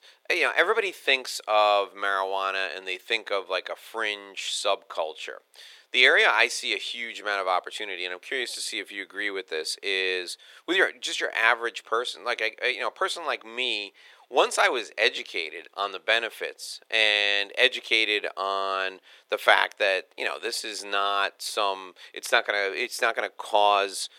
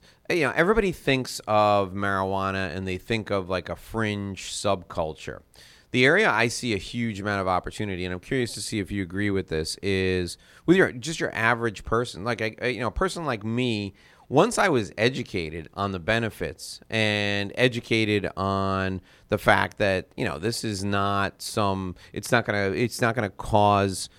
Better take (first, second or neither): second